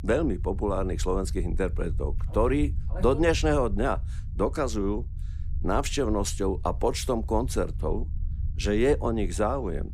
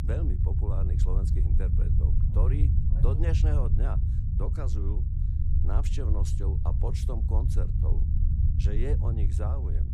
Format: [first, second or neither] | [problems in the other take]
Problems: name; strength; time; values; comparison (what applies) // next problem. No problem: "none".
first | low rumble; loud; throughout; 2 dB below the speech; faint in the first